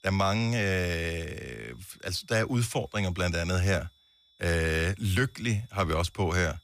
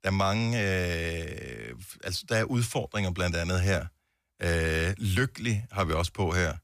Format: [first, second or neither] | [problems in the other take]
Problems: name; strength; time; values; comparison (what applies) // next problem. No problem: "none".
second | high-pitched whine; faint; throughout; 3.5 kHz, 35 dB below the speech